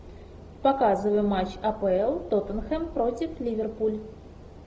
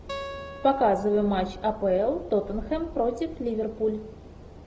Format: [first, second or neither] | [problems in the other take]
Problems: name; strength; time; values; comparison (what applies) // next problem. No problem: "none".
first | background sound (Acoustic guitar); 15 dB below the speech